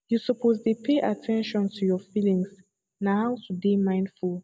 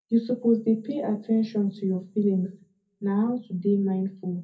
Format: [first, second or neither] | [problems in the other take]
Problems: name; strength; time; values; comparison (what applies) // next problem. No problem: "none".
first | room echo; dies away in 0.3 s